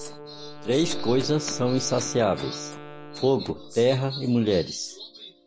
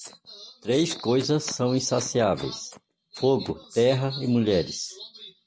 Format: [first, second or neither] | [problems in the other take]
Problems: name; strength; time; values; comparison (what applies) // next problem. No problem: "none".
second | background sound (Piano + Wind instrument, woodwind instrument); 12 dB below the speech